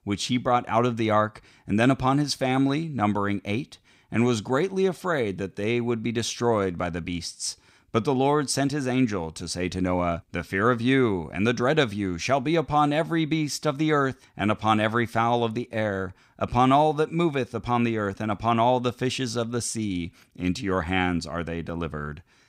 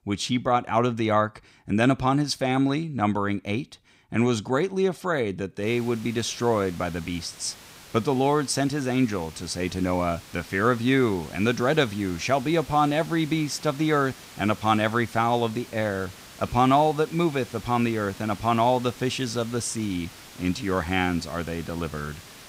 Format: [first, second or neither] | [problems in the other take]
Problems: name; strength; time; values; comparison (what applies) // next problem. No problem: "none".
first | hiss; noticeable; from 5.5 s on; 20 dB below the speech